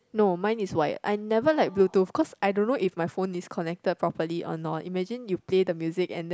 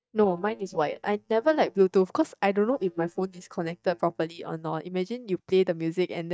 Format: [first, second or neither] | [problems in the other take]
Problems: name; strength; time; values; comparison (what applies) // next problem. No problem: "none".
first | noise reduction (neural mask model DeepFilterNet 3)